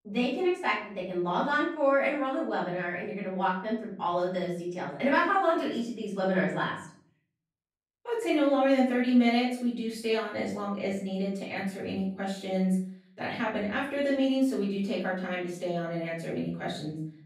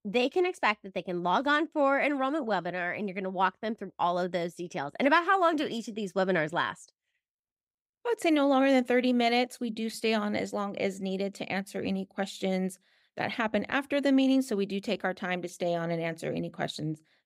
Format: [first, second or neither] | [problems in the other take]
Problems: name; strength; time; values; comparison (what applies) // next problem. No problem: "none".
second | off-mic speech; far // room echo; noticeable; dies away in 0.5 s